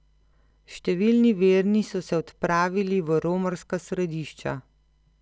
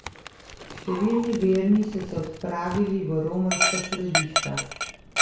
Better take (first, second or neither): first